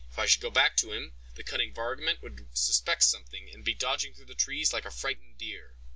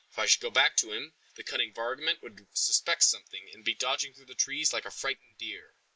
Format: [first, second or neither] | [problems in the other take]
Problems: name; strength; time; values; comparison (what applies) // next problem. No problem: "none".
first | noise reduction (neural mask model Resemble Enhance denoiser)